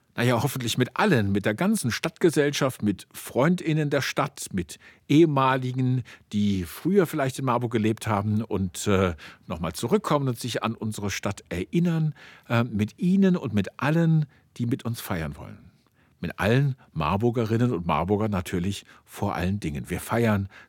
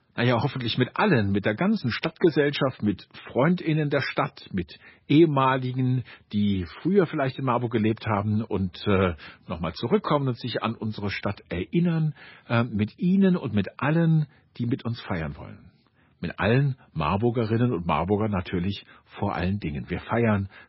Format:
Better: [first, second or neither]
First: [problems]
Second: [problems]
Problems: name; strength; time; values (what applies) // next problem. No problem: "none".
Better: first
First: none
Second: garbled, watery; badly; nothing above 5.5 kHz